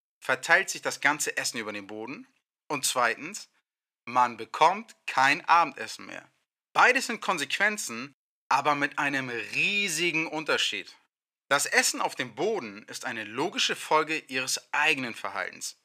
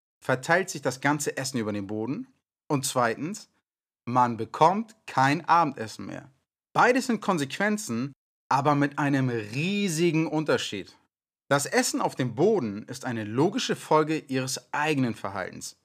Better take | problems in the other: second | thin; somewhat; fading below 1 kHz

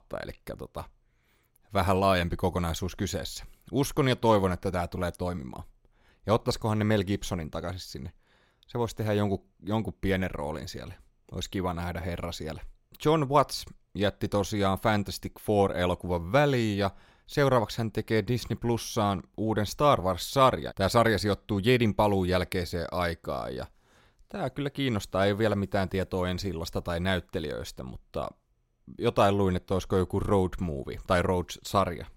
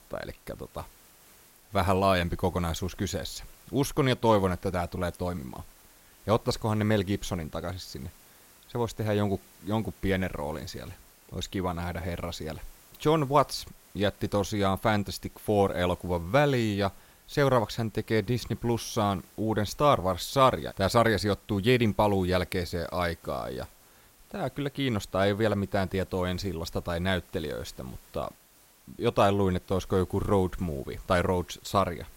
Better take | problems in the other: first | hiss; faint; throughout; 25 dB below the speech

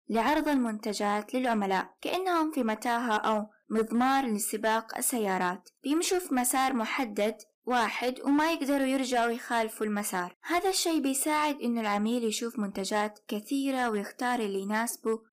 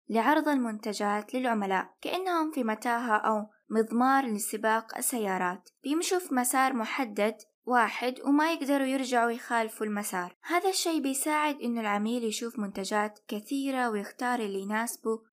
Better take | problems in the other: second | distortion; slight; 5% of the sound clipped

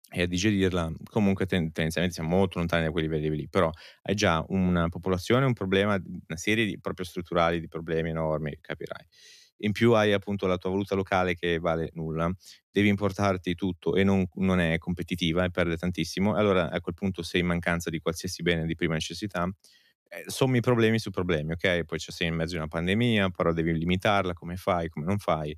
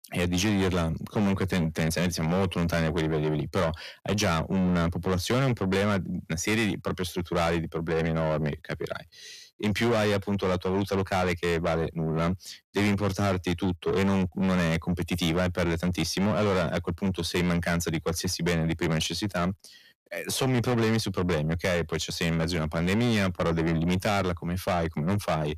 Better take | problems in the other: first | distortion; heavy; 7 dB below the speech

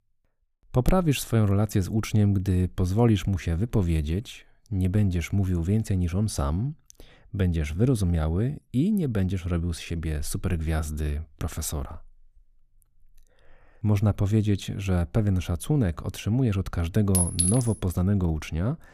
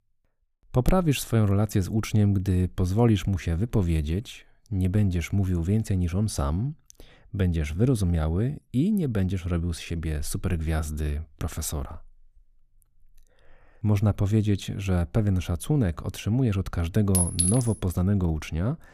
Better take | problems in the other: neither | clattering dishes; loud; at 17 s; peak 3 dB above the speech; the same in both

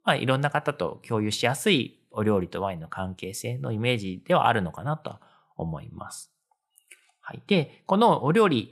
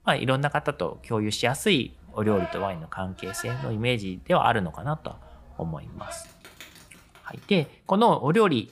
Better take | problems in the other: first | animal sounds; noticeable; throughout; 15 dB below the speech

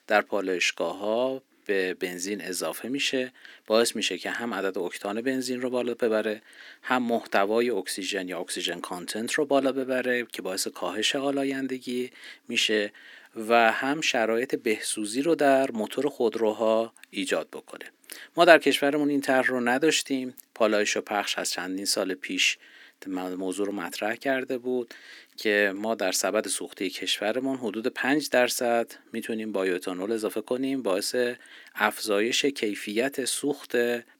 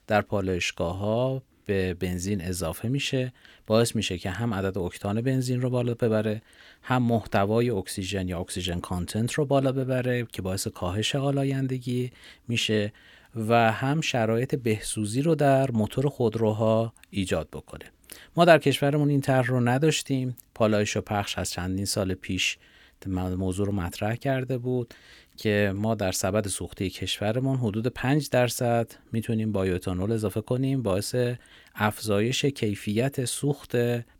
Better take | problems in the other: second | thin; very slightly; fading below 300 Hz

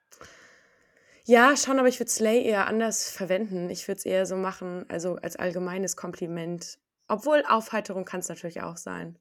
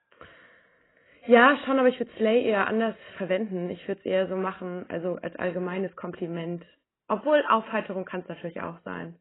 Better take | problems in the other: first | garbled, watery; badly; nothing above 3 kHz

